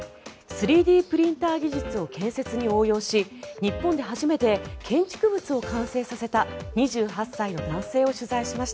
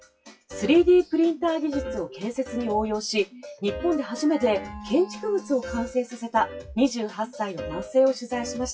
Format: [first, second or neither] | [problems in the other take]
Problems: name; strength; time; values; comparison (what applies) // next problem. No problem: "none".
first | noise reduction (classical method WPE with log-MMSE)